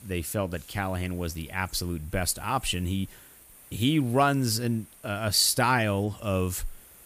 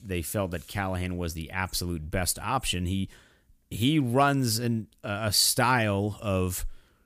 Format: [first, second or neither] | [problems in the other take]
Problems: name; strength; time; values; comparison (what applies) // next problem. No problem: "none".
second | hiss; faint; throughout; 25 dB below the speech